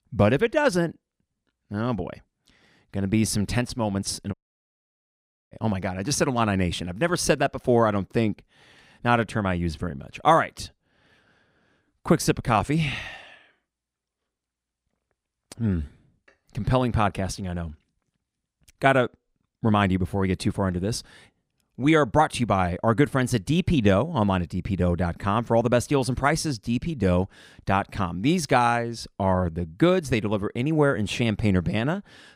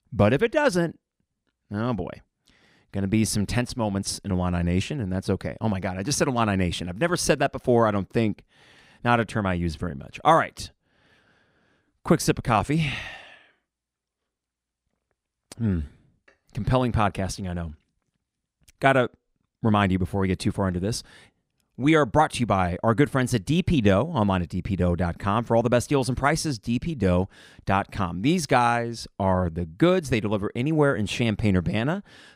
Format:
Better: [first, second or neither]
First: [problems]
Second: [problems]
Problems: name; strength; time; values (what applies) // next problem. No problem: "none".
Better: second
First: audio cutting out; at 4.5 s for 1 s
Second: none